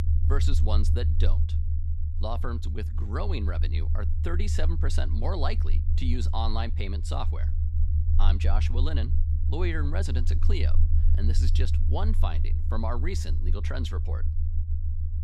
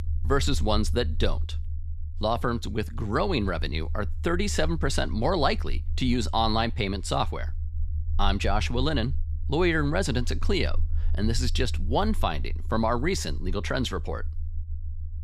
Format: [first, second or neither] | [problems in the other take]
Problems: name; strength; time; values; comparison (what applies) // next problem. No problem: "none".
second | low rumble; loud; throughout; 8 dB below the speech; faint in the second